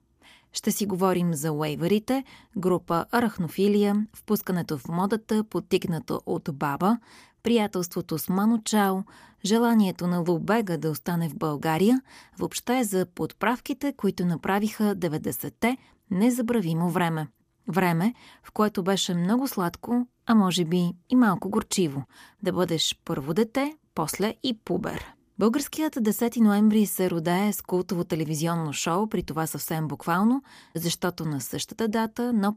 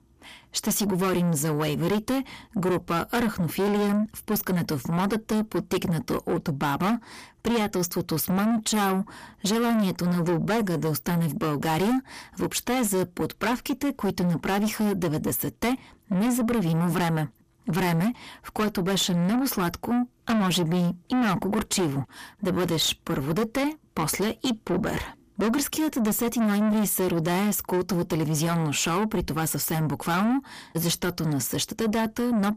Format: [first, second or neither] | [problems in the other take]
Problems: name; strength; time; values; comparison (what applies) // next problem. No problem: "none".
first | distortion; heavy; 6 dB below the speech